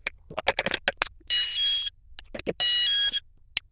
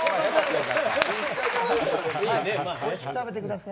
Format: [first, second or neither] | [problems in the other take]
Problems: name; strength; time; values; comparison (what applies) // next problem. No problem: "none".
second | noise reduction (neural diffusion model UNIVERSE++)